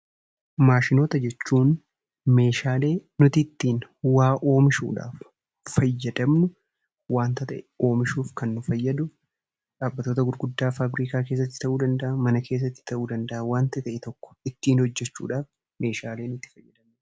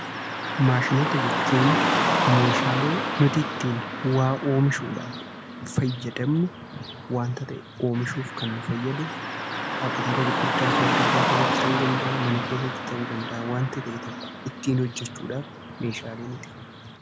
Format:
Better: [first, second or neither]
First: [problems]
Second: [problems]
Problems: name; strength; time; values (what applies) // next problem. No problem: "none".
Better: first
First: none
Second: background sound (Car passing by / Traffic noise, roadway noise); 1 dB below the speech